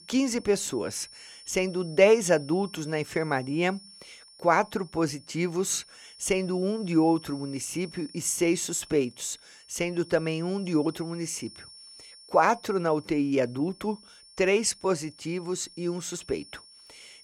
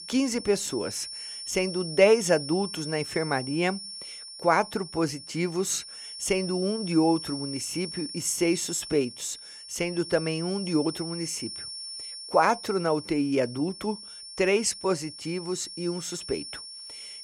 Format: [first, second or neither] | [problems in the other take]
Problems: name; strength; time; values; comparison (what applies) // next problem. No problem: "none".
first | high-pitched whine; loud; throughout; 5.5 kHz, 10 dB below the speech; faint in the first